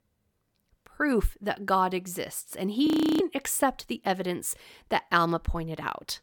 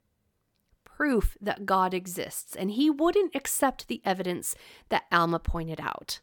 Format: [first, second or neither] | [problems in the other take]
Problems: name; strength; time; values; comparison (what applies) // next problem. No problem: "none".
second | audio freezing; at 3 s